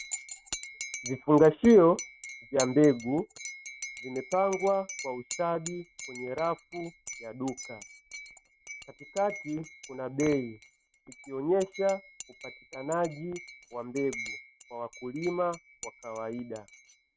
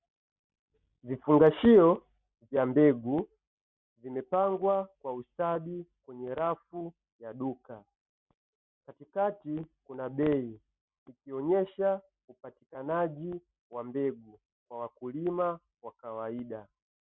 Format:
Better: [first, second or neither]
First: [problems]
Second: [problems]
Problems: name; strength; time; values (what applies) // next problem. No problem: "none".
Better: second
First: noise reduction (neural mask model RNNoise)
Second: none